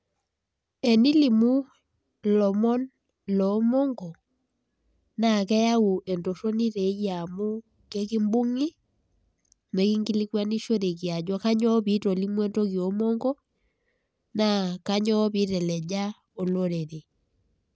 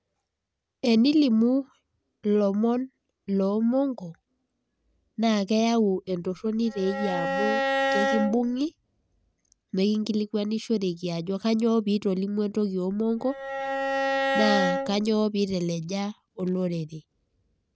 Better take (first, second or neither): first